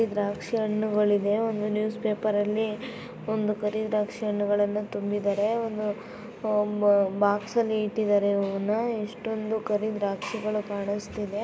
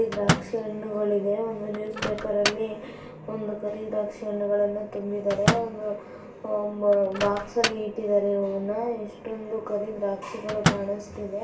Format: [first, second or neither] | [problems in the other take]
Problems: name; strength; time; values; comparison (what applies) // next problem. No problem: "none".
first | background sound (Microwave oven); 5 dB below the speech // room echo; dies away in 0.3 s